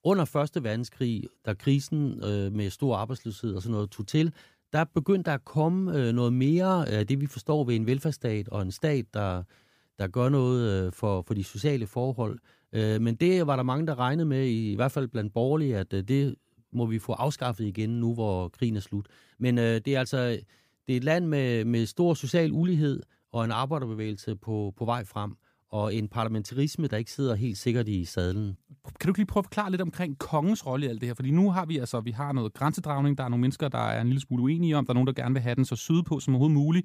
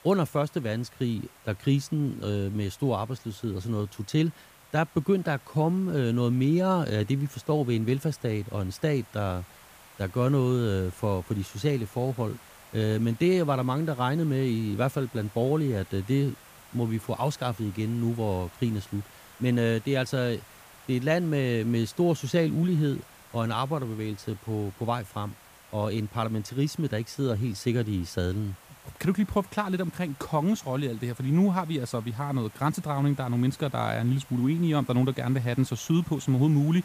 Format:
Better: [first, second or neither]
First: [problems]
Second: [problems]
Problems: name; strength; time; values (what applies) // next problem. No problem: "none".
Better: first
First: none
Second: hiss; faint; throughout; 25 dB below the speech